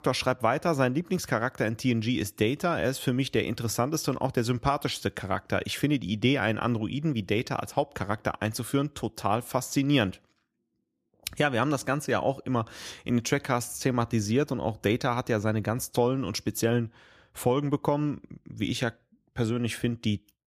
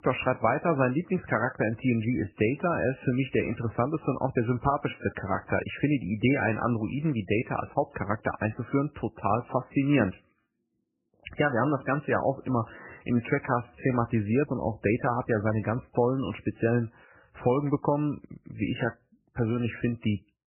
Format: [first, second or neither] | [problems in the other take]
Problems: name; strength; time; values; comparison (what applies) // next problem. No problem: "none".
first | garbled, watery; badly; nothing above 3 kHz